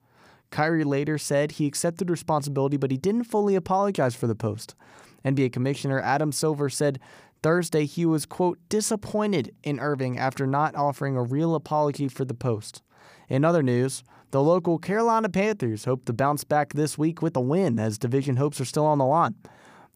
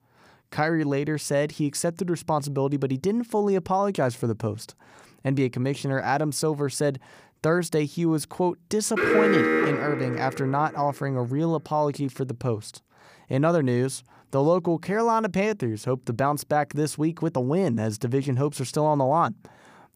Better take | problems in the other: first | alarm; loud; from 9 to 10 s; peak 5 dB above the speech

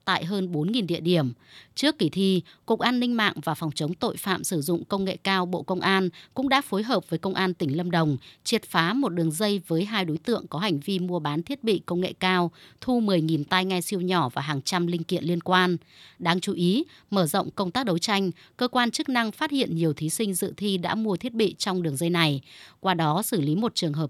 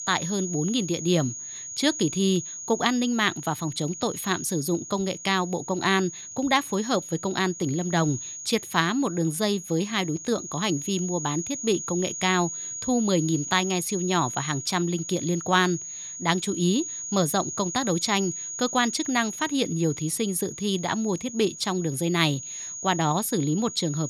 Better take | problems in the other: first | high-pitched whine; loud; throughout; 6.5 kHz, 8 dB below the speech

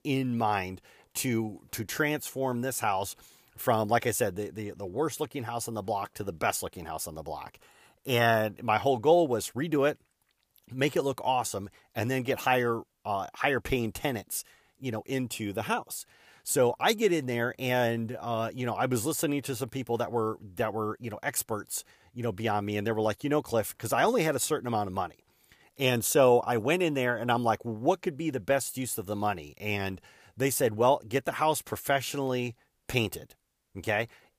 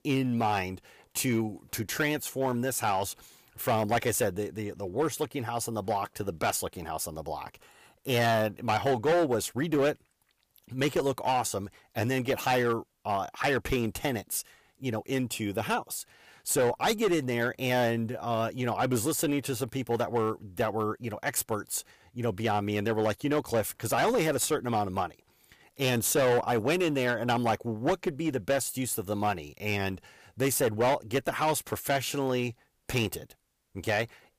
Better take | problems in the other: first | distortion; slight; 6% of the sound clipped

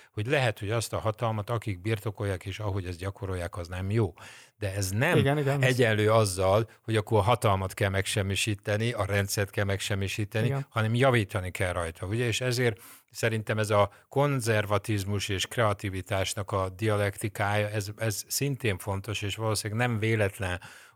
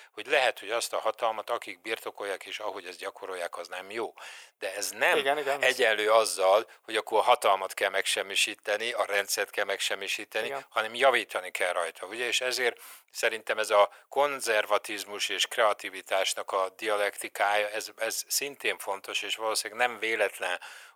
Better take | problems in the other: first | thin; very; fading below 500 Hz

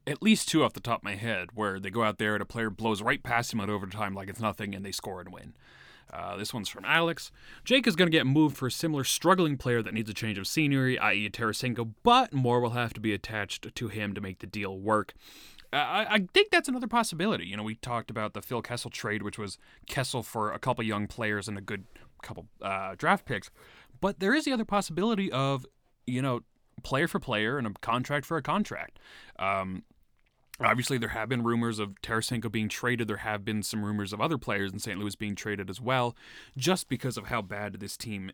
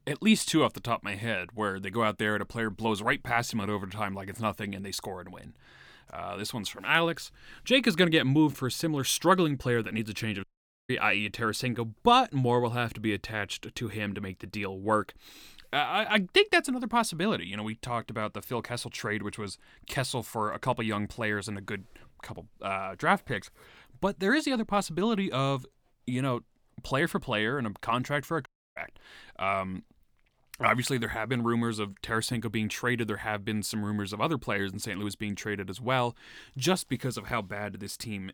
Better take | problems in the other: first | audio cutting out; at 10 s and at 28 s

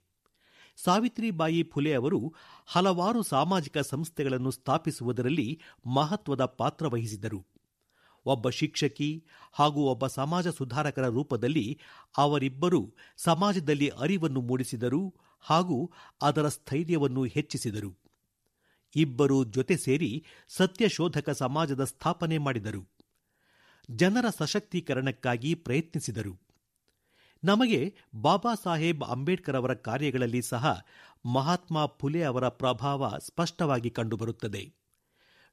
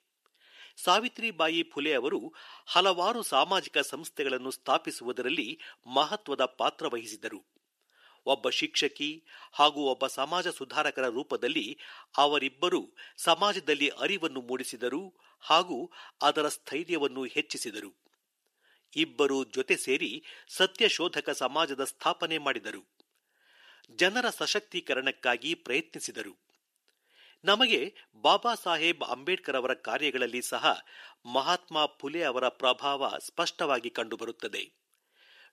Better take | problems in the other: first | thin; somewhat; fading below 350 Hz

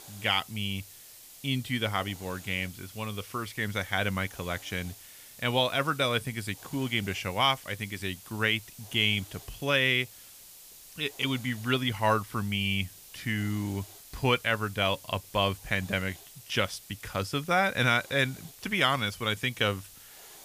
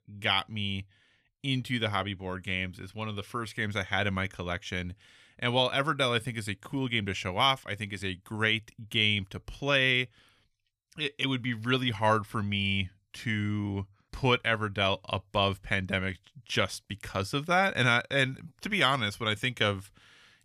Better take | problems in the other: second | hiss; noticeable; throughout; 20 dB below the speech

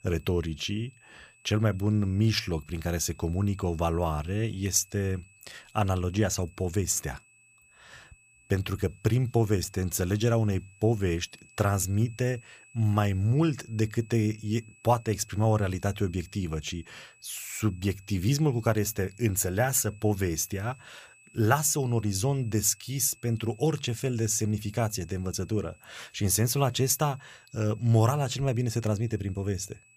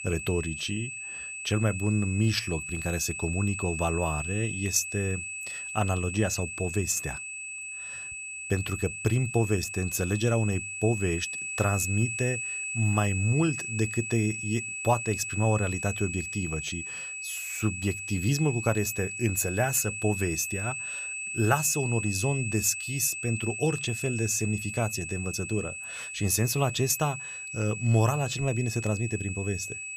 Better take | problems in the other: first | high-pitched whine; loud; throughout; 2.5 kHz, 5 dB below the speech; faint in the first

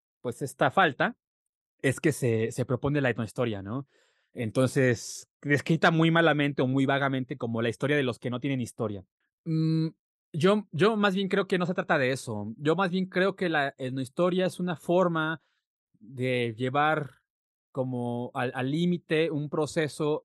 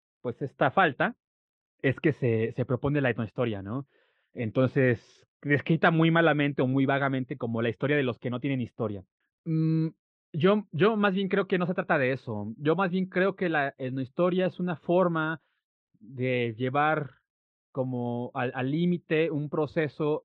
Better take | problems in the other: first | muffled; very; fading above 3 kHz

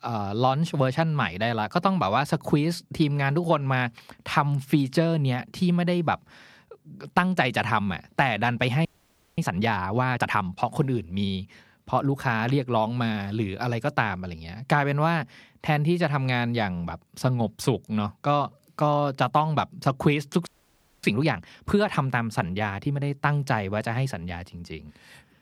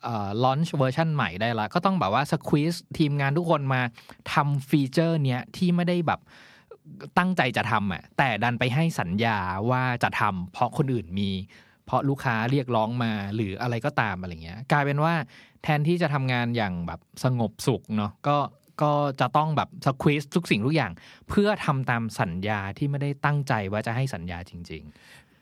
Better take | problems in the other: second | audio freezing; at 9 s for 0.5 s and at 20 s for 0.5 s

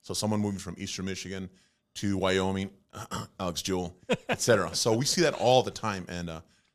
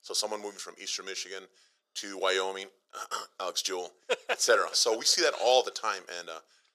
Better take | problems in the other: first | thin; very; fading below 400 Hz

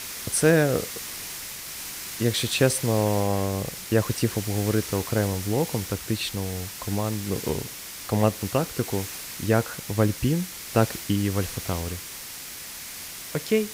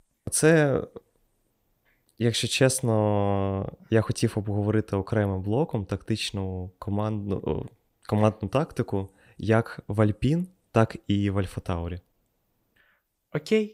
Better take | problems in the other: second | hiss; loud; throughout; 8 dB below the speech

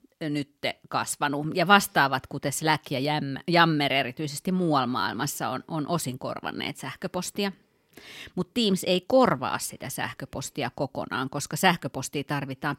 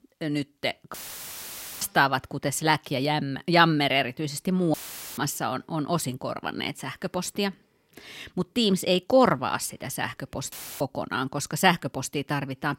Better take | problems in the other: first | audio cutting out; filled with static; at 1 s for 1 s, at 4.5 s and at 11 s

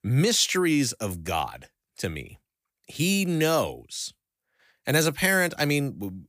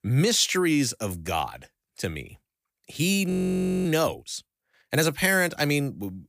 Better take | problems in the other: first | audio freezing; at 3.5 s for 0.5 s

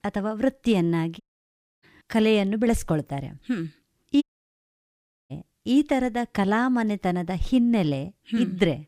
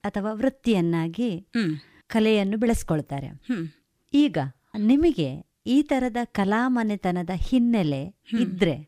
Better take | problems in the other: second | audio cutting out; at 1 s for 0.5 s and at 4 s for 1 s

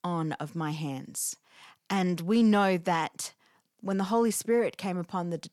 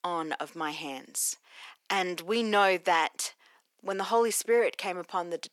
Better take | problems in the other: first | thin; somewhat; fading below 350 Hz

